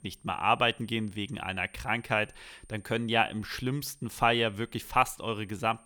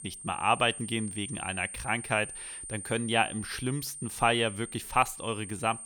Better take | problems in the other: first | high-pitched whine; loud; throughout; 9 kHz, 10 dB below the speech; faint in the first

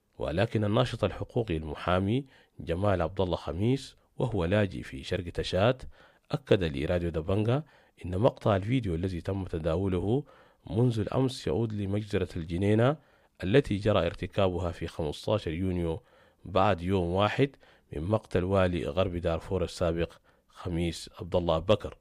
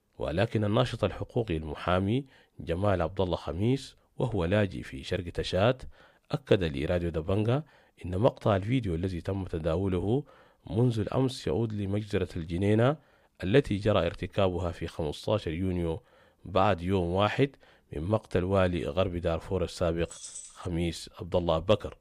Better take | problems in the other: first | jangling keys; faint; at 20 s; peak 10 dB below the speech

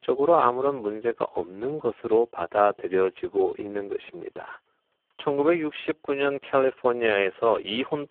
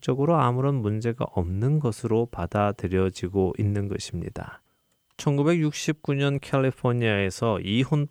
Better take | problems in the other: second | phone-call audio; poor line

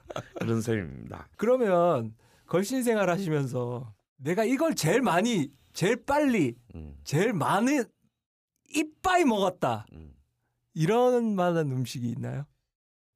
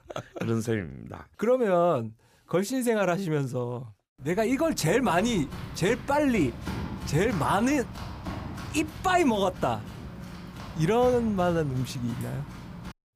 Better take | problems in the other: first | footsteps; noticeable; from 4 s on; peak 8 dB below the speech

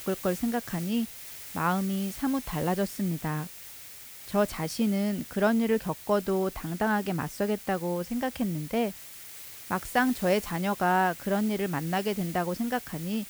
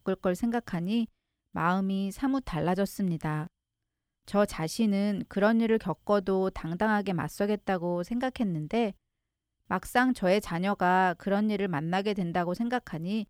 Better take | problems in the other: second | hiss; noticeable; throughout; 10 dB below the speech

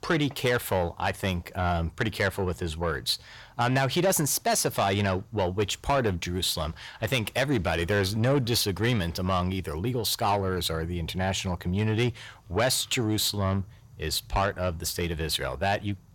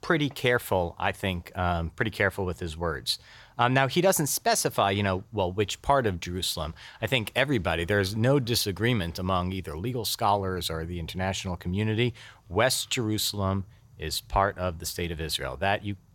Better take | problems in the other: second | distortion; slight; 10 dB below the speech

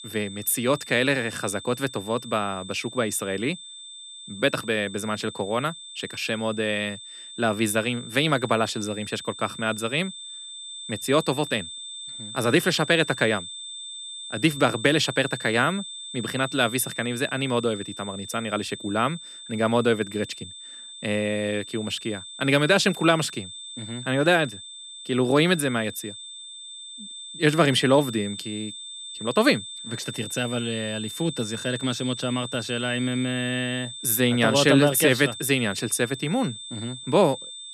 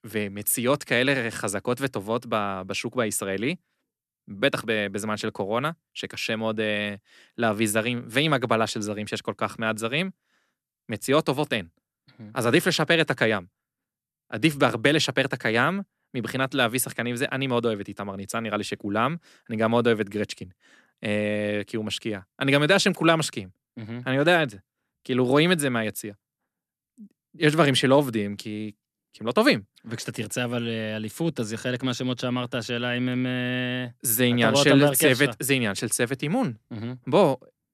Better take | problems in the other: second | high-pitched whine; noticeable; throughout; 3.5 kHz, 10 dB below the speech

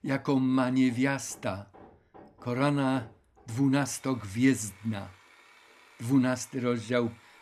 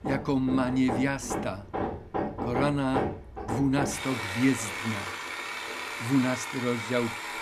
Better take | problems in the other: first | machinery noise; loud; throughout; 5 dB below the speech; faint in the first

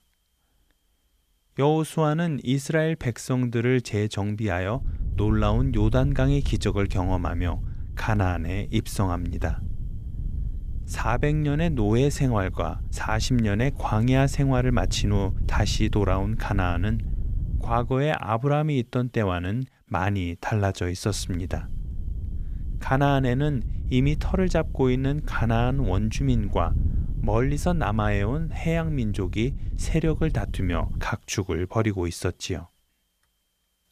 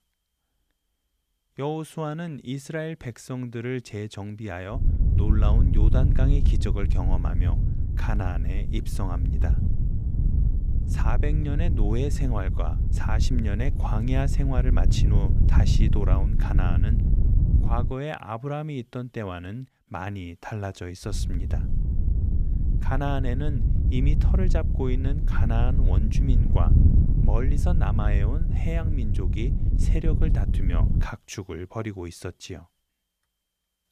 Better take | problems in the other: first | wind noise on the microphone; heavy; from 5 to 18 s and from 21 to 31 s; 5 dB below the speech; occasional gusts in the first

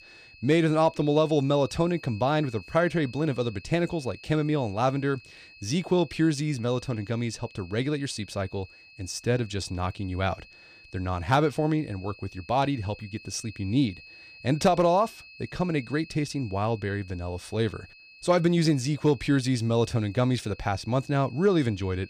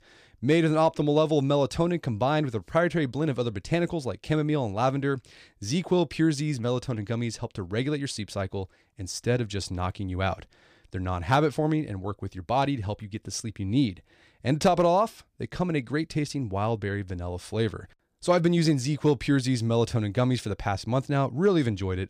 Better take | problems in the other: second | high-pitched whine; faint; throughout; 2.5 kHz, 20 dB below the speech

